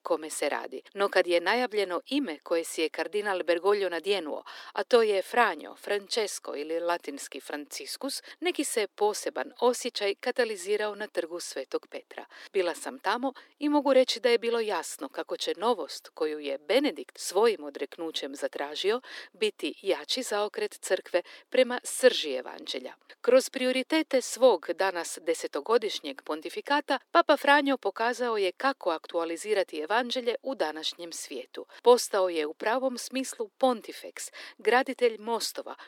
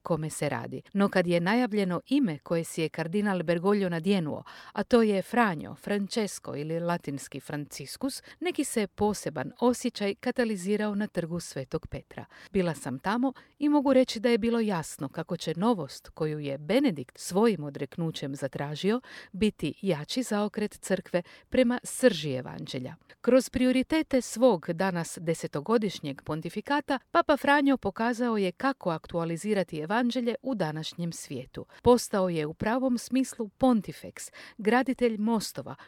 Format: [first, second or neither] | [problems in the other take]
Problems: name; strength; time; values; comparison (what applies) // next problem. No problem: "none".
second | thin; somewhat; fading below 300 Hz